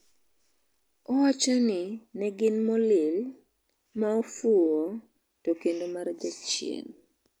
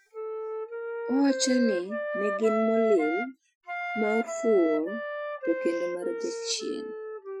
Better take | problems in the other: first | noise reduction (classical method Wiener filter)

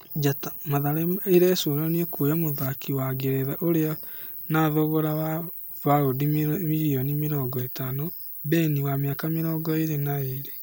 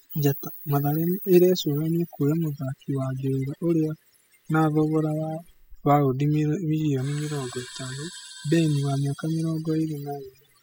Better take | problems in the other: first | noise reduction (classical method spectral subtraction)

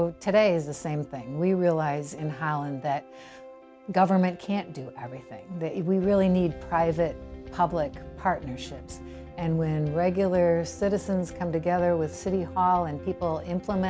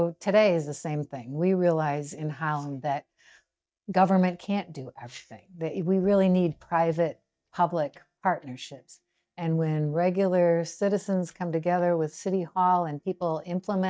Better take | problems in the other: first | noise reduction (neural mask model DeepFilterNet 3)

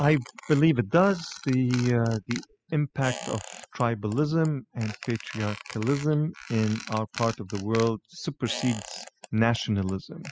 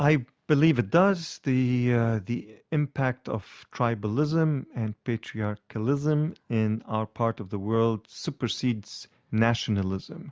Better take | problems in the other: second | noise reduction (classical method spectral subtraction)

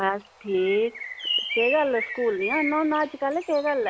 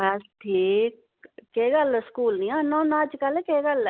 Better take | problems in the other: second | background sound (Bird); 7 dB below the speech

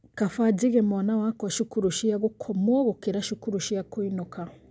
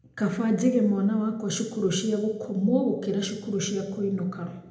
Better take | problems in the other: first | room echo; dies away in 0.7 s

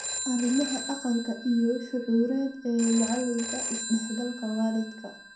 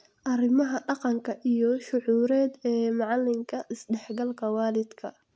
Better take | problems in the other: second | background sound (Telephone); 8 dB below the speech // room echo; dies away in 0.6 s

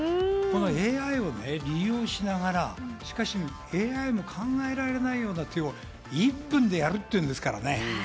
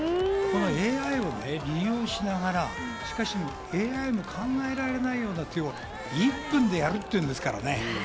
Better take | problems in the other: first | background sound (Crowd + Cat); 11 dB below the speech

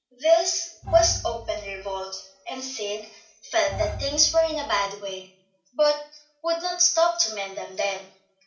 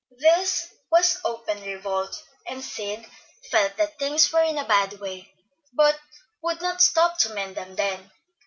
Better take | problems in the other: second | background sound (Bowed string instrument); 11 dB below the speech // room echo; dies away in 0.4 s

